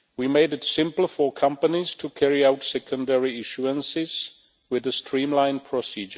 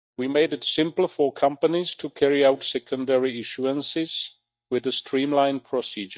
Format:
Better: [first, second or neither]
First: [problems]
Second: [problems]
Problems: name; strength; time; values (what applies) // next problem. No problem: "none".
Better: first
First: none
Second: noise reduction (neural mask model DeepFilterNet 3)